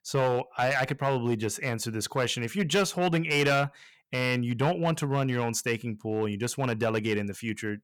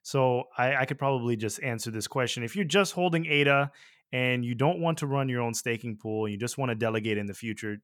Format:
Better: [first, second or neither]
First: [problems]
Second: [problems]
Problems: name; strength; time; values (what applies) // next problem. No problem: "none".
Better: second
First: distortion; slight; 5% of the sound clipped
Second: none